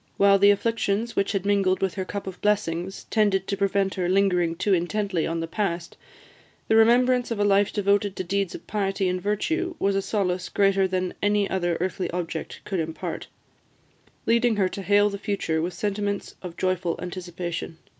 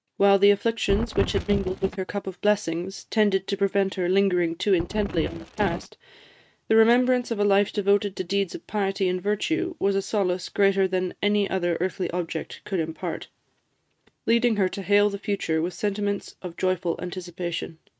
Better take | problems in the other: first | noise reduction (neural mask model RNNoise)

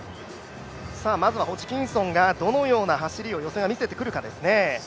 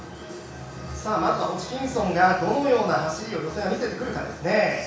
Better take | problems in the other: first | room echo; dies away in 0.6 s

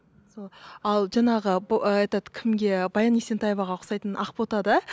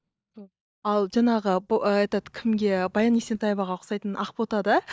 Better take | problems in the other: first | noise reduction (neural mask model DeepFilterNet 3)

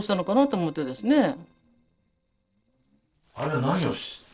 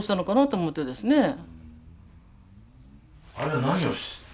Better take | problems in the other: second | noise reduction (neural separator model SepFormer DNS4)

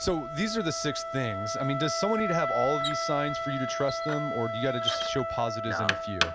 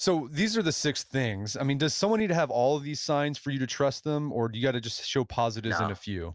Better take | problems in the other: second | background sound (Wind instrument, woodwind instrument + Knock); 1 dB below the speech

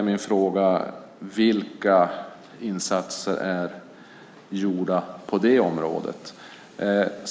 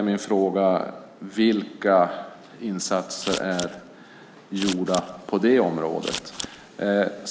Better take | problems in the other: first | background sound (Scissors); 10 dB below the speech

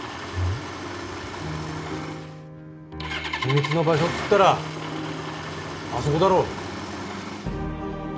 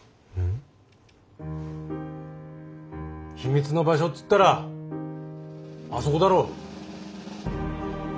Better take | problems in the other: second | background sound (Engine starting); 7 dB below the speech

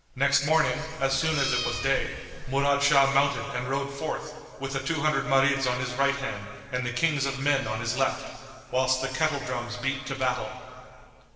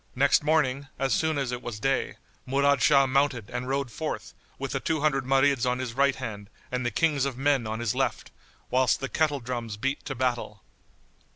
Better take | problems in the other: second | background sound (Meow); 7 dB below the speech // room echo; dies away in 2.4 s

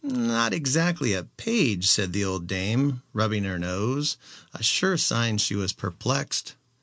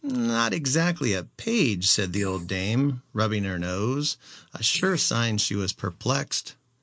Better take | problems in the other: first | noise reduction (neural mask model Resemble Enhance denoiser)

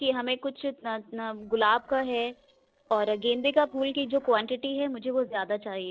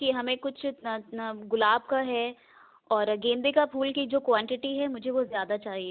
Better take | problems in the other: second | noise reduction (neural separator model SepFormer DNS4)

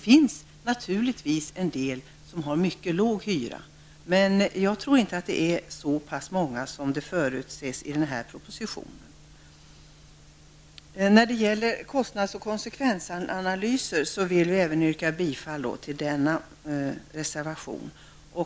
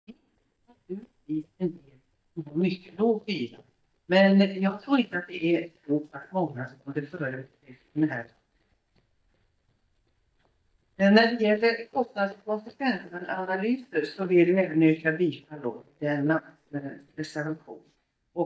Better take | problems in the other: first | noise reduction (neural mask model DeepFilterNet 3)

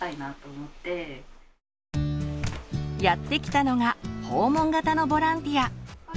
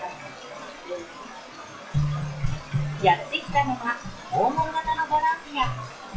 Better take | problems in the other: first | noise reduction (classical method WPE with log-MMSE)

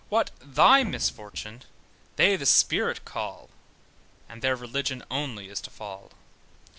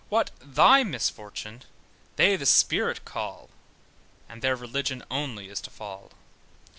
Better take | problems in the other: second | background sound (Thump, thud); 15 dB below the speech

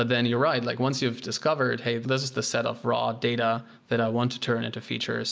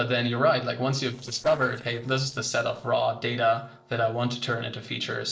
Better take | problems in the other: first | noise reduction (neural separator model SepFormer DNS4)

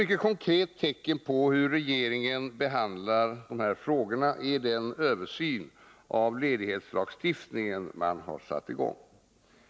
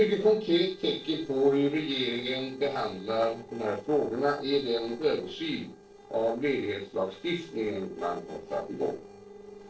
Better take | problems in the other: first | noise reduction (neural separator model SepFormer DNS4)

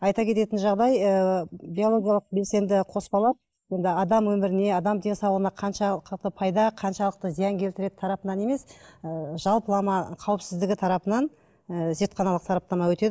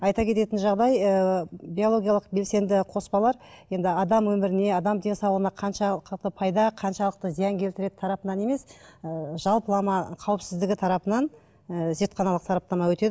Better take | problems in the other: second | noise reduction (neural mask model Resemble Enhance denoiser)

